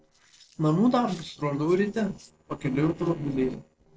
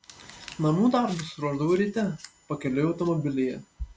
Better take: second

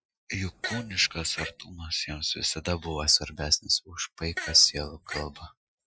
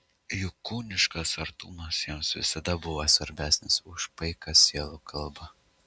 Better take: second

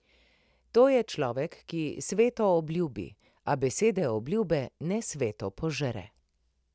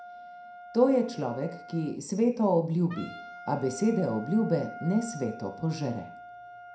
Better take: first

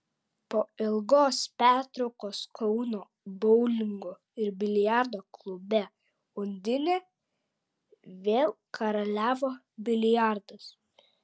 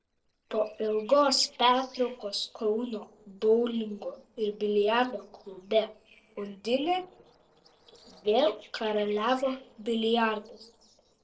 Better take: first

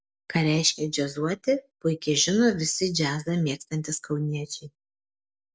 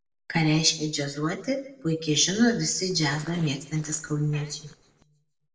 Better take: first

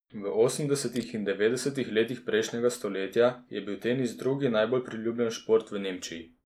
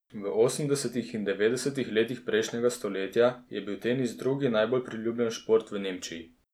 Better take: second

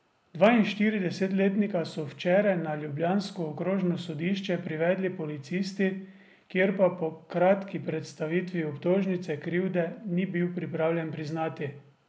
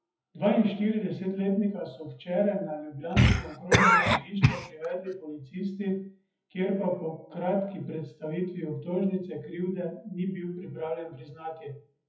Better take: first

